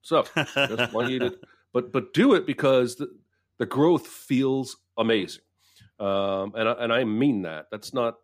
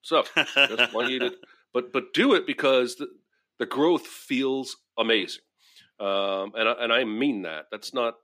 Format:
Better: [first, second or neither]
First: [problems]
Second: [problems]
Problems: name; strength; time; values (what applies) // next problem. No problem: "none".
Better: first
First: none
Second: thin; very slightly; fading below 300 Hz